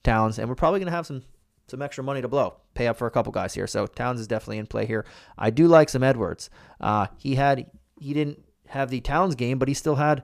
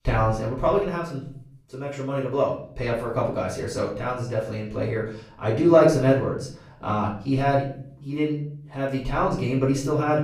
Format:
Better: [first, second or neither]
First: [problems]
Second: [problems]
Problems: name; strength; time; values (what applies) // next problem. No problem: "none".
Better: first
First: none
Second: off-mic speech; far // room echo; slight; dies away in 0.6 s